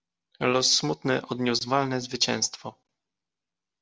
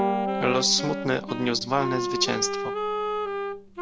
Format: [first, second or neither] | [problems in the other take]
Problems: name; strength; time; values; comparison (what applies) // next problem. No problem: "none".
first | background sound (Bowed string instrument + Wind instrument, woodwind instrument); 1 dB below the speech